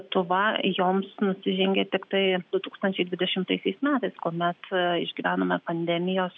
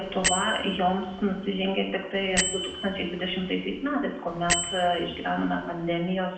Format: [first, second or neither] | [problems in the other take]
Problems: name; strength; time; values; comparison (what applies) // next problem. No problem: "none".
first | background sound (Bell); 5 dB below the speech // room echo; dies away in 0.7 s